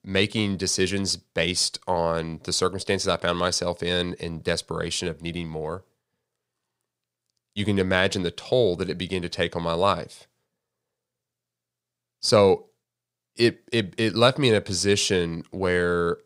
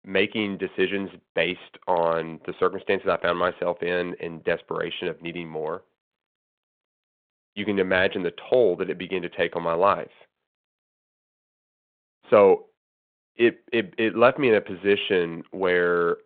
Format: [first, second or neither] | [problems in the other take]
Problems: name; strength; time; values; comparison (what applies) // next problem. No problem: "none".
first | phone-call audio; nothing above 3.5 kHz